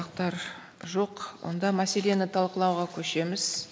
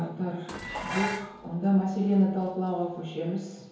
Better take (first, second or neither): first